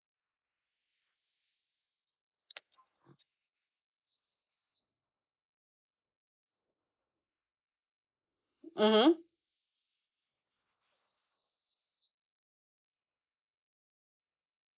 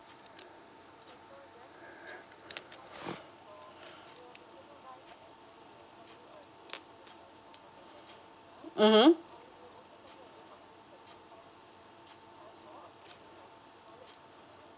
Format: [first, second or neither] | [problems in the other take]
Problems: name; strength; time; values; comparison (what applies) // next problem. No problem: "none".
second | noise reduction (neural mask model Resemble Enhance denoiser)